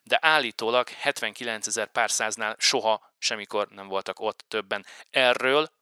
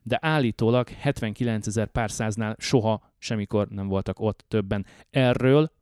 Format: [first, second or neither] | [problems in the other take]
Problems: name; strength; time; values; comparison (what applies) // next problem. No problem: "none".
second | thin; very; fading below 850 Hz